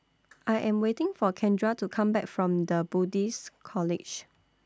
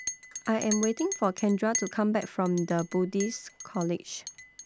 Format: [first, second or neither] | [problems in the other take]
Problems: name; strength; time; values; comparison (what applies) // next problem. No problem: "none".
first | background sound (Chink, clink); 10 dB below the speech